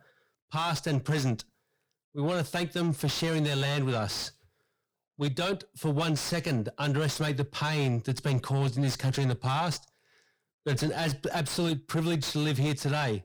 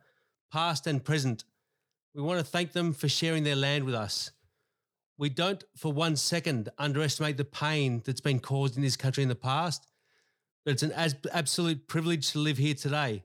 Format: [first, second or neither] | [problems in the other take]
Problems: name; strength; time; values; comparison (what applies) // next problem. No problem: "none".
second | distortion; heavy; 7 dB below the speech